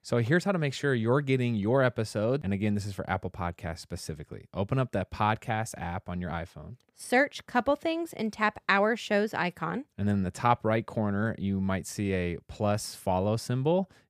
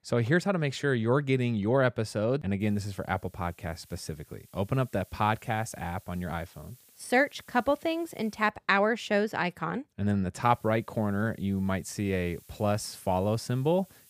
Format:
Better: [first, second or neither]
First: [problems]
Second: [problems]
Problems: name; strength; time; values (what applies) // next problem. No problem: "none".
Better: first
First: none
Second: hiss; faint; from 2.5 to 8.5 s and from 10 s on; 30 dB below the speech